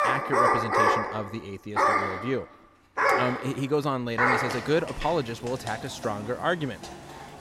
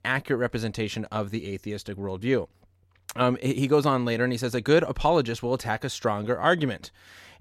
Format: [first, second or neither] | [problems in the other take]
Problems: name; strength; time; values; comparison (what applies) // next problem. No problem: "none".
second | animal sounds; very loud; throughout; 5 dB above the speech